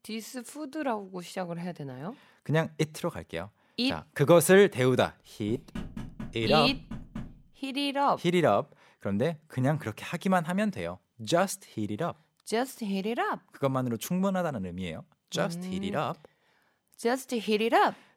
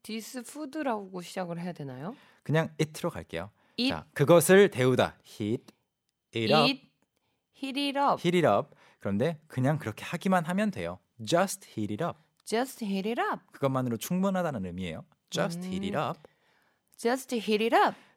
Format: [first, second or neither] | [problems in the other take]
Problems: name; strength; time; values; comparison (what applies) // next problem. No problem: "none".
second | door banging; faint; from 5.5 to 7.5 s; peak 10 dB below the speech